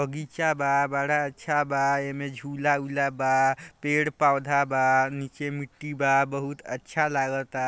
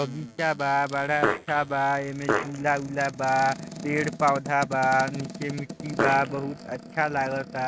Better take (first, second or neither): first